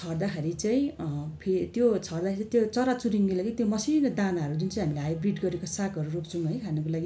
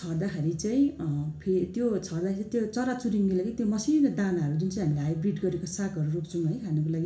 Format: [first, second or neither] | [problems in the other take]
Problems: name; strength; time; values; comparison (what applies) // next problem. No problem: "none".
first | room echo; dies away in 0.4 s